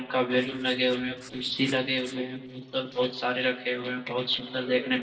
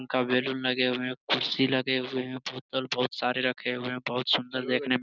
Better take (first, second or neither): second